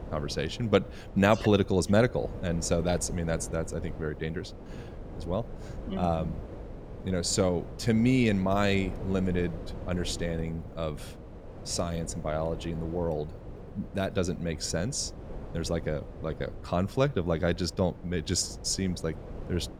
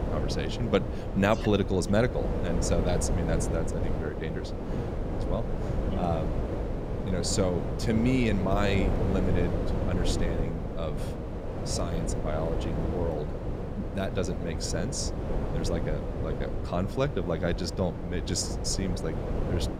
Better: first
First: wind noise on the microphone; occasional gusts; 15 dB below the speech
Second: wind noise on the microphone; heavy; 4 dB below the speech

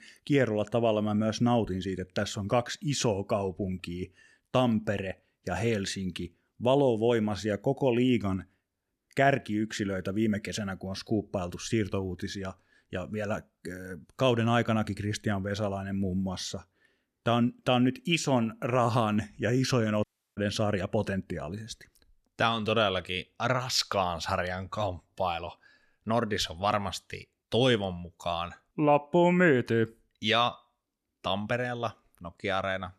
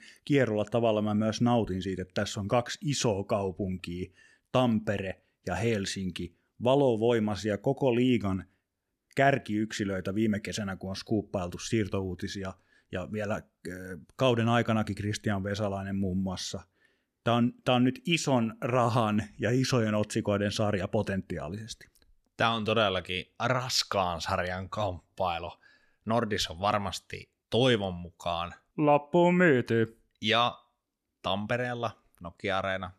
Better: second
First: audio cutting out; at 20 s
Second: none

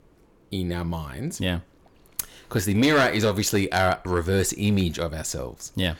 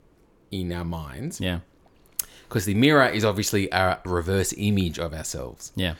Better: second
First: distortion; slight; 3% of the sound clipped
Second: none

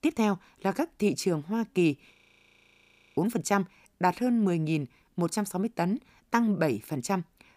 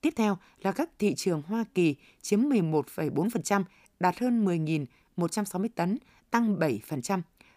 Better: second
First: audio freezing; at 2 s for 1 s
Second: none

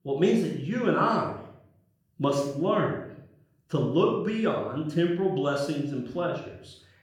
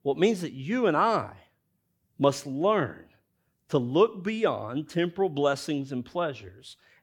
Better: second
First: off-mic speech; somewhat distant // room echo; noticeable; dies away in 0.6 s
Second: none

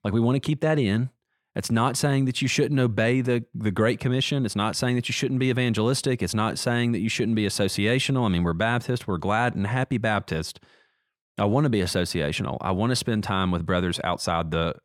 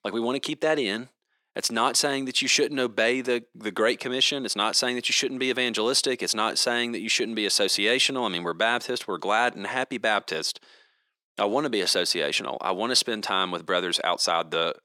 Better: first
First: none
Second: thin; somewhat; fading below 300 Hz

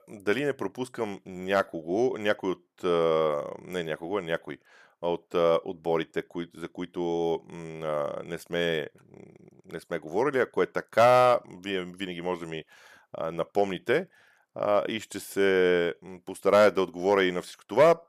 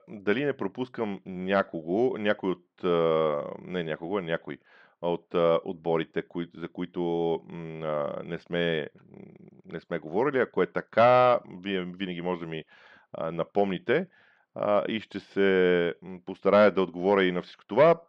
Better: first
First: none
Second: muffled; slightly; fading above 4 kHz

